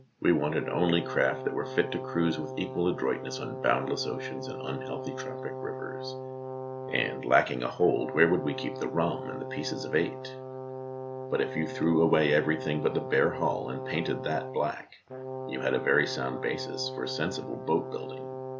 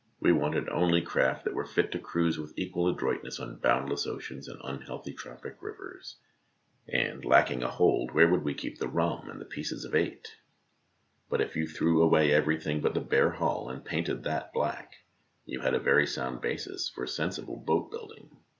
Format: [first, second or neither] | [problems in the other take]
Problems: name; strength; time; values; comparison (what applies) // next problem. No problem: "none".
second | background sound (Brass instrument); 8 dB below the speech